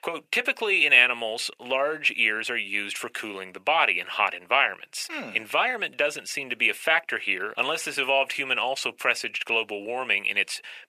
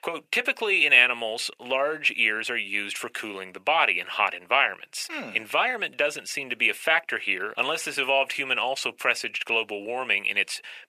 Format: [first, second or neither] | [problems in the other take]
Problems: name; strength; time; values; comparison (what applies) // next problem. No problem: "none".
neither | thin; very; fading below 750 Hz; the same in both